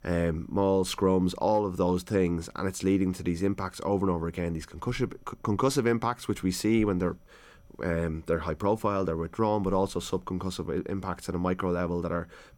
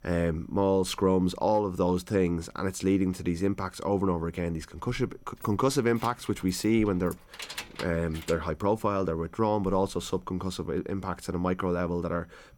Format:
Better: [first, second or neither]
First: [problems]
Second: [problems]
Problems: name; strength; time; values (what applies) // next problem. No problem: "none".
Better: first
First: none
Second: jangling keys; noticeable; from 5.5 to 8.5 s; peak 9 dB below the speech